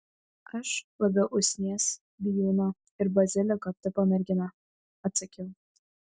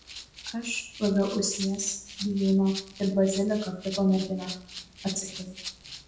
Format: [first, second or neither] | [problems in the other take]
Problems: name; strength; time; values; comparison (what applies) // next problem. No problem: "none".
first | background sound (Rattle (instrument)); 14 dB below the speech // room echo; dies away in 0.6 s